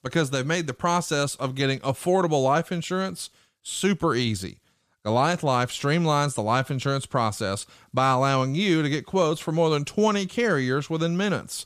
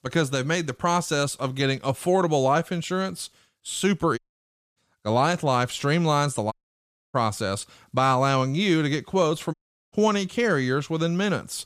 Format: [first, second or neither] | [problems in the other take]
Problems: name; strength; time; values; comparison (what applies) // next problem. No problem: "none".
first | audio cutting out; at 4 s for 0.5 s, at 6.5 s for 0.5 s and at 9.5 s